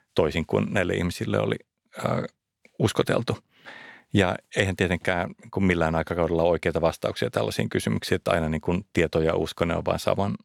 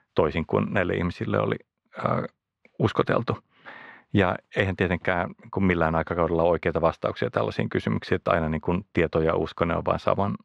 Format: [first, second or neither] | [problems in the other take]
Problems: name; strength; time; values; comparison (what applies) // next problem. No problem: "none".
first | muffled; slightly; fading above 3 kHz